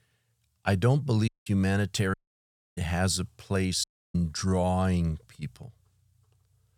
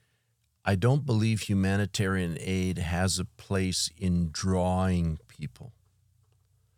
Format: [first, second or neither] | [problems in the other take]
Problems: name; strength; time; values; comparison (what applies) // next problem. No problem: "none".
second | audio cutting out; at 1.5 s, at 2 s for 0.5 s and at 4 s